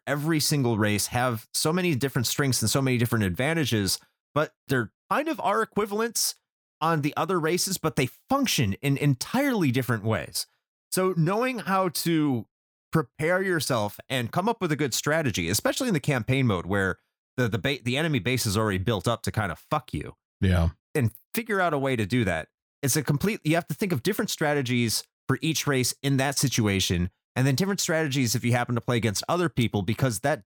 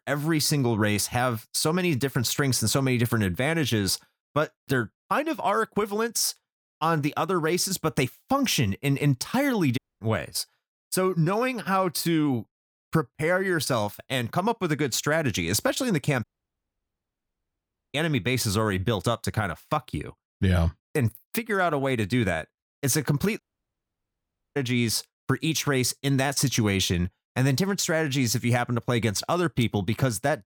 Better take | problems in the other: first | audio cutting out; at 10 s, at 16 s for 1.5 s and at 23 s for 1 s

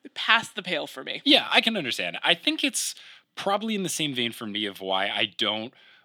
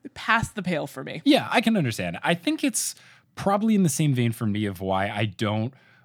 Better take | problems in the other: second | thin; very slightly; fading below 350 Hz

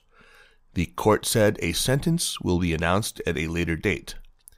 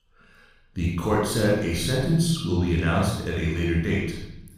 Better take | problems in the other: first | off-mic speech; far // room echo; strong; dies away in 0.9 s

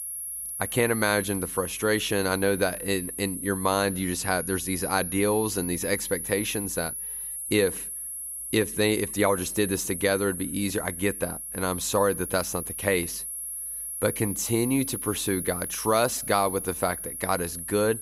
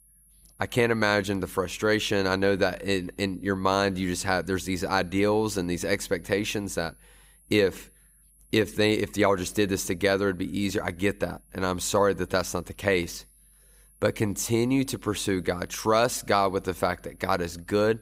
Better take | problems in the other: second | high-pitched whine; loud; throughout; 10.5 kHz, 5 dB below the speech; faint in the second

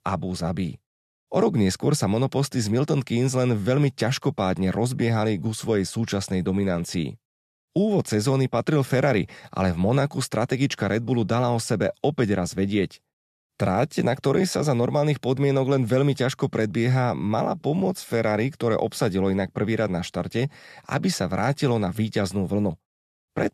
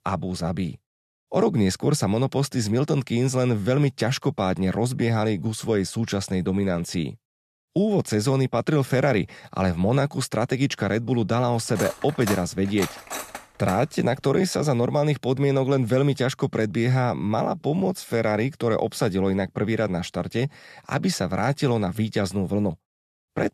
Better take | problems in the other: first | clattering dishes; noticeable; from 12 to 14 s; peak 8 dB below the speech

